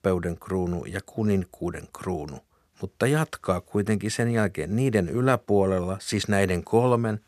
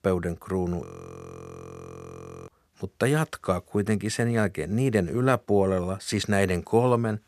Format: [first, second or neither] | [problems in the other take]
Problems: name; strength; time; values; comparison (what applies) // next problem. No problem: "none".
first | audio freezing; at 1 s for 1.5 s